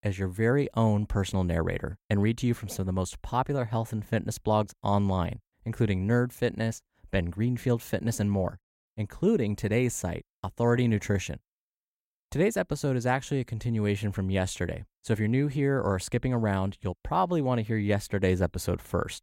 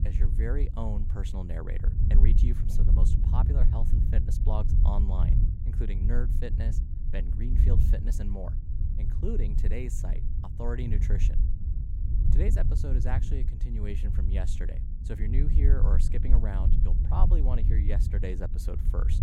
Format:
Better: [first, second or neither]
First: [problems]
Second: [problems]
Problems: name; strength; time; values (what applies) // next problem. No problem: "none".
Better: first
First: none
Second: low rumble; loud; throughout; 4 dB below the speech